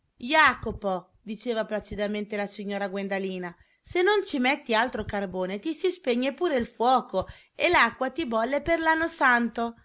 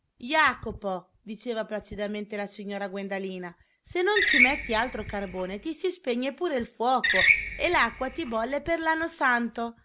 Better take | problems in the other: first | background sound (Screech); 2 dB above the speech

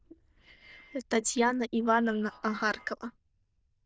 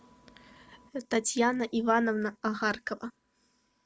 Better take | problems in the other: second | noise reduction (neural diffusion model UNIVERSE++)

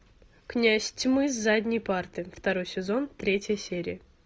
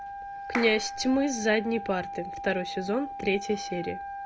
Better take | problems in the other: first | background sound (Wind instrument, woodwind instrument + Clapping); 8 dB below the speech

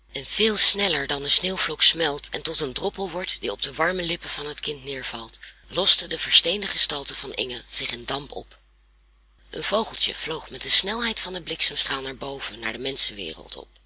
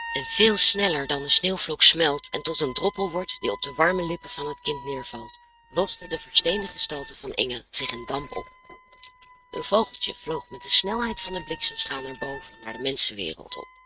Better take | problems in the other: first | noise reduction (neural mask model RNNoise)

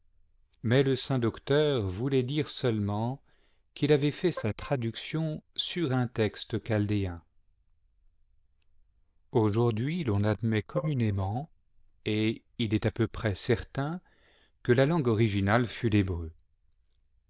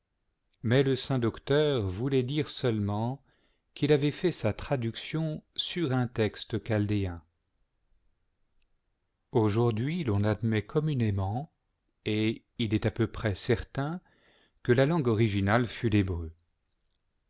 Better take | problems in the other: second | noise reduction (neural diffusion model UNIVERSE++)

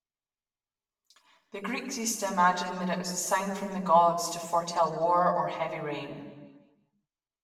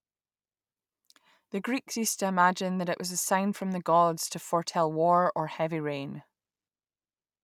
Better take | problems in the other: second | room echo; dies away in 1.1 s

